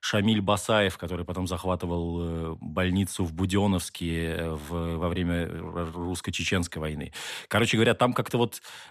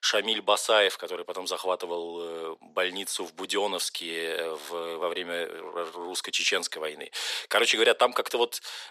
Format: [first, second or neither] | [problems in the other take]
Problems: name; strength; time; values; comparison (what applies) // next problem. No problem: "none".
first | thin; very; fading below 400 Hz